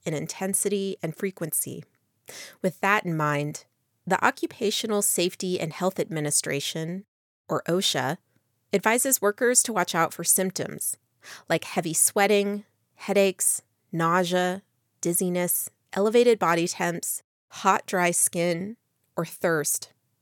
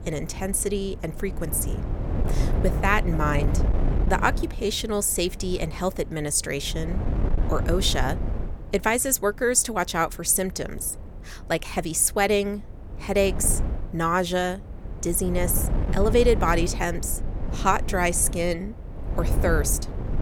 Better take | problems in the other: first | wind noise on the microphone; occasional gusts; 15 dB below the speech

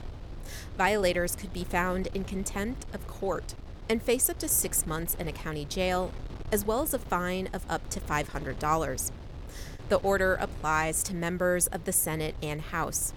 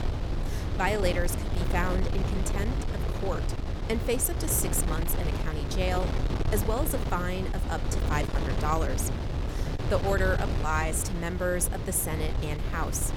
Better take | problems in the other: first | wind noise on the microphone; heavy; 6 dB below the speech; occasional gusts in the first

